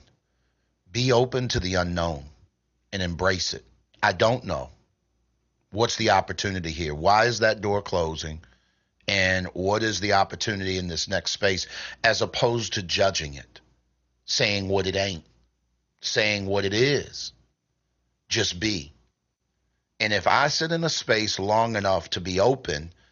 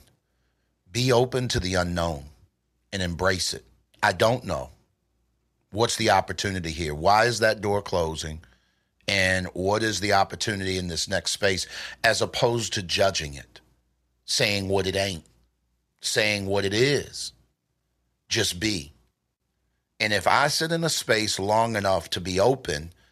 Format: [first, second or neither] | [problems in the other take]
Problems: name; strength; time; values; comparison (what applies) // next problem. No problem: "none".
second | garbled, watery; slightly; nothing above 6.5 kHz